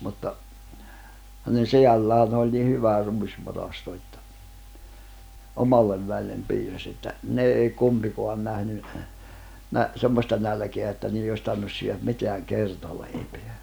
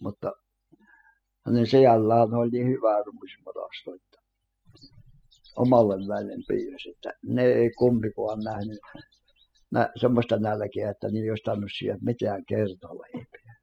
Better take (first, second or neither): first